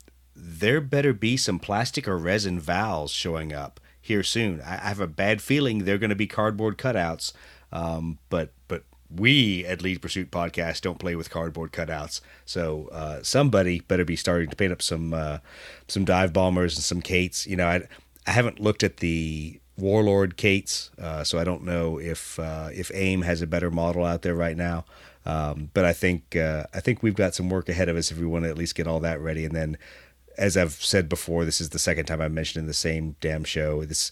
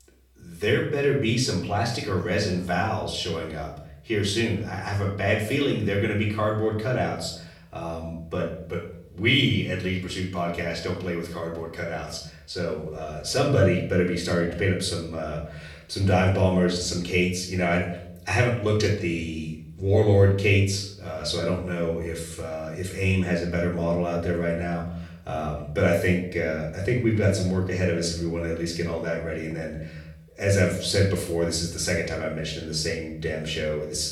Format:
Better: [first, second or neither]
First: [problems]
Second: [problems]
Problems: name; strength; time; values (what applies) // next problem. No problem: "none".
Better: first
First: none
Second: room echo; noticeable; dies away in 0.6 s // off-mic speech; far